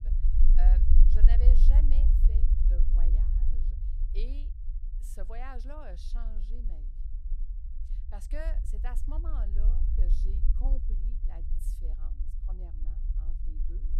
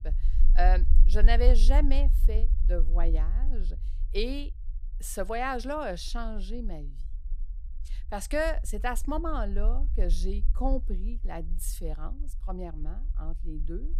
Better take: second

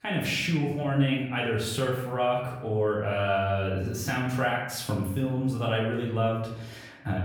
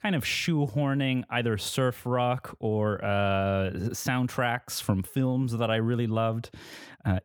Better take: second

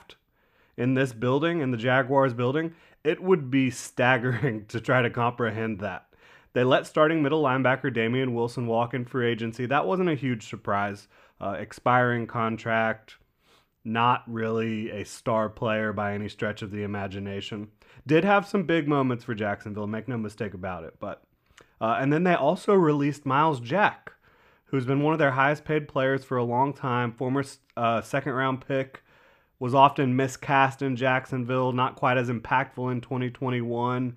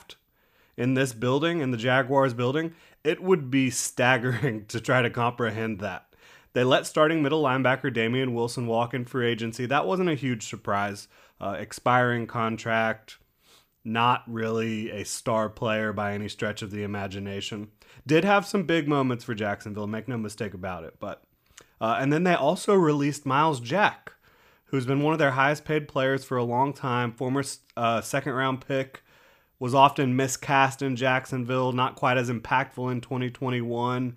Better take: second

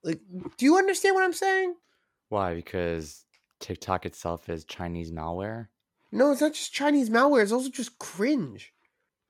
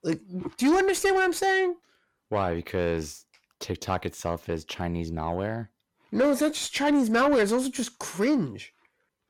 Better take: first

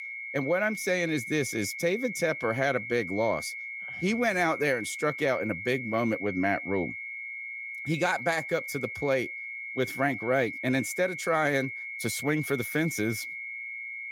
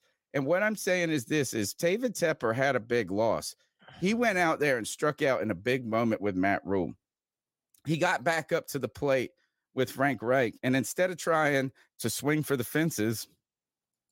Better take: second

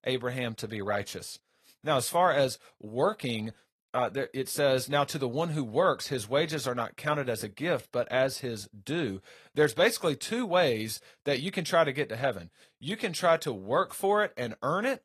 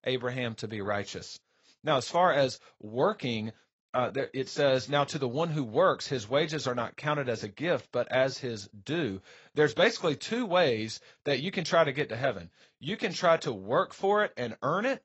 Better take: first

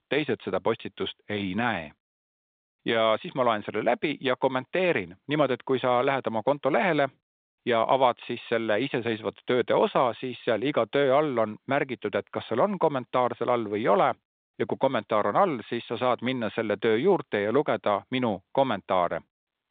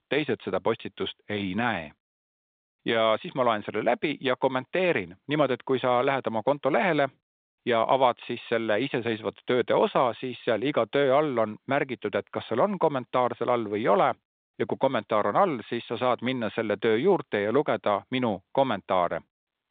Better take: neither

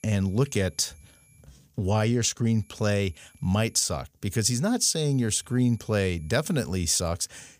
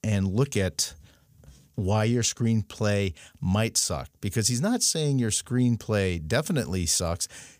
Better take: second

